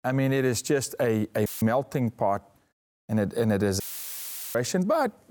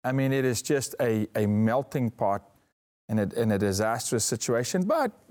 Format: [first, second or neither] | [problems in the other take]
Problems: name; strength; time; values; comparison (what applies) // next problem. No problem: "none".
second | audio cutting out; filled with static; at 1.5 s and at 4 s for 1 s